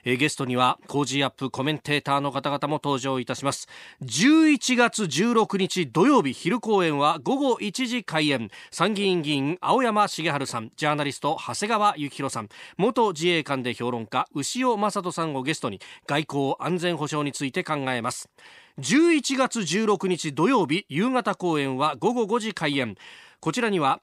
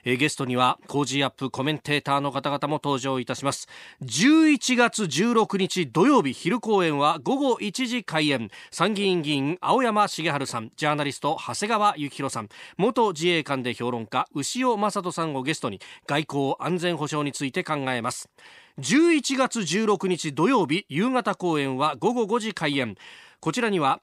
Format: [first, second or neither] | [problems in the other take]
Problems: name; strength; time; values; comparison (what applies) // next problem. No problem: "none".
neither | none